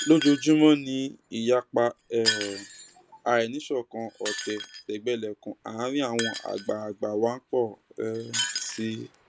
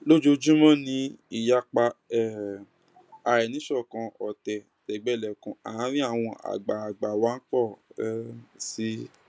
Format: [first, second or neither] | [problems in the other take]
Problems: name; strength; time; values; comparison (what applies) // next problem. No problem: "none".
second | background sound (Shatter); 10 dB below the speech